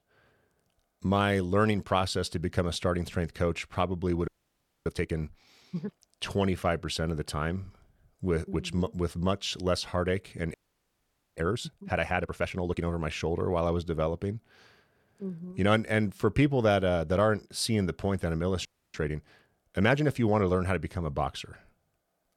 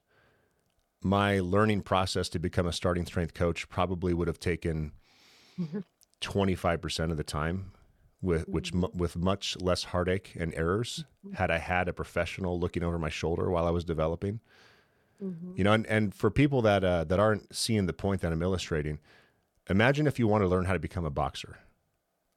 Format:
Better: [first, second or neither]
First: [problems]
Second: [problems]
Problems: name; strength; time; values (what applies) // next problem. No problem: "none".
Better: second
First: audio freezing; at 4.5 s for 0.5 s, at 11 s for 1 s and at 19 s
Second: none